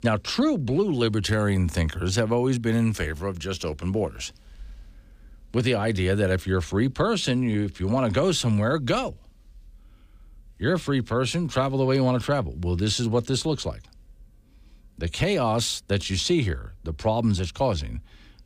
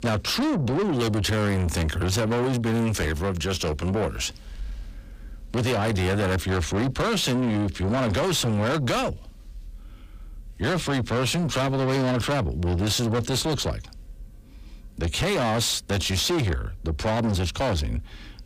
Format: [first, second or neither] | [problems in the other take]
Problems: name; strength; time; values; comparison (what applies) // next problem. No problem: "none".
first | distortion; heavy; 7 dB below the speech